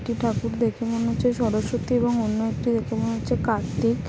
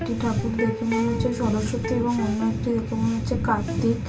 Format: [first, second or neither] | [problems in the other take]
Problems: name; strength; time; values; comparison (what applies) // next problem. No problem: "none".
first | background sound (Electric guitar); 10 dB below the speech // room echo; dies away in 0.2 s